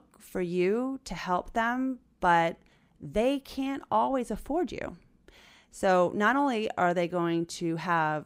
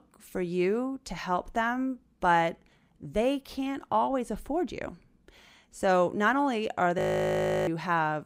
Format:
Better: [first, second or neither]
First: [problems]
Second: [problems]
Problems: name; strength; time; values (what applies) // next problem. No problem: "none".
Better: first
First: none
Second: audio freezing; at 7 s for 0.5 s